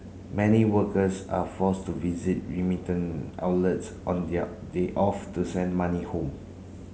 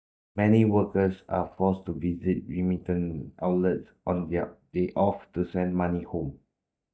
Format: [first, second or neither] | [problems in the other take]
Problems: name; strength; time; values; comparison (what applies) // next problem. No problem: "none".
first | noise reduction (neural mask model DeepFilterNet 3)